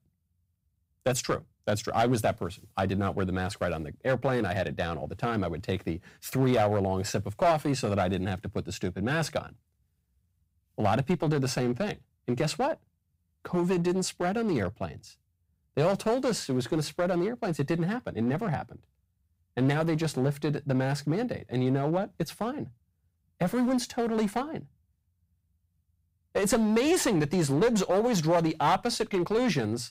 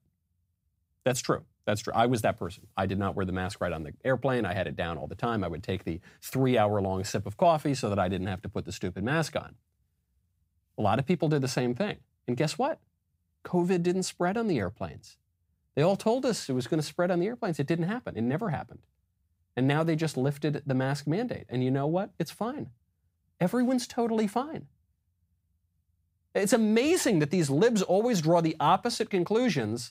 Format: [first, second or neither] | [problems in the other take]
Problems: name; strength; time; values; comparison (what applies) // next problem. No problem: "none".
second | distortion; slight; 5% of the sound clipped